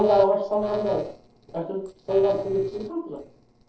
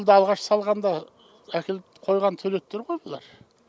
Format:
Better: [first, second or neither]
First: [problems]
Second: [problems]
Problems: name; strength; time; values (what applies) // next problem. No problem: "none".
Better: second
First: noise reduction (neural separator model SepFormer DNS4)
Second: none